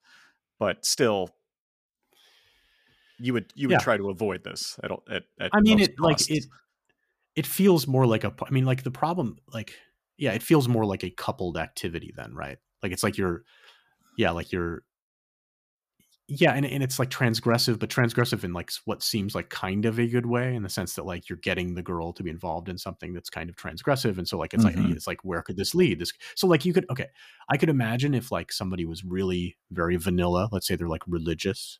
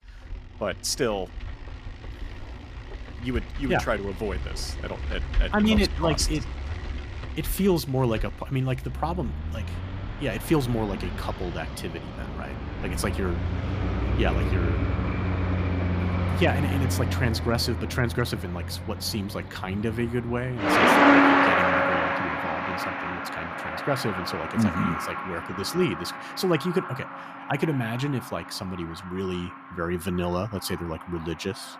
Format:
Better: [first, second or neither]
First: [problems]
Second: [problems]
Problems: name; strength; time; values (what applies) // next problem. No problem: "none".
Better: first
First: none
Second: traffic noise; very loud; throughout; 1 dB above the speech